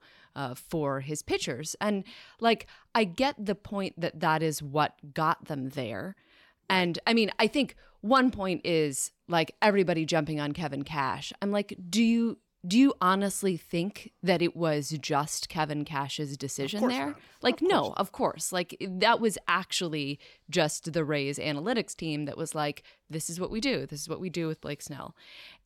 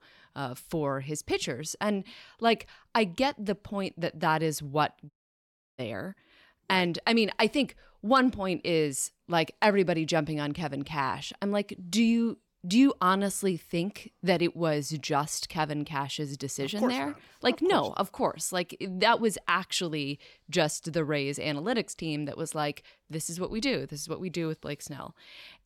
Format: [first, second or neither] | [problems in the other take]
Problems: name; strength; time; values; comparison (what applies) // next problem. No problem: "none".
first | audio cutting out; at 5 s for 0.5 s